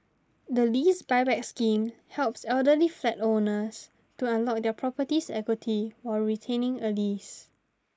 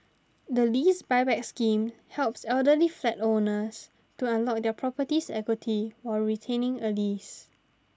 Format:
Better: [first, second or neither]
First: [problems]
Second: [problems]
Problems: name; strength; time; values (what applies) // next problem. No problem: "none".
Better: second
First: noise reduction (neural mask model Resemble Enhance denoiser)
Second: none